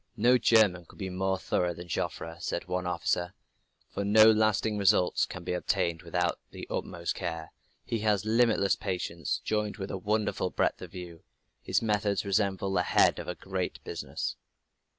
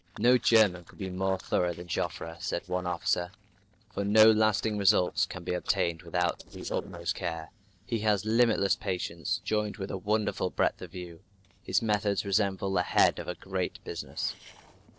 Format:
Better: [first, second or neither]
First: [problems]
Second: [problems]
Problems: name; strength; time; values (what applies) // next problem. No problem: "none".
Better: first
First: none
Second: noise reduction (neural separator model SepFormer DNS4)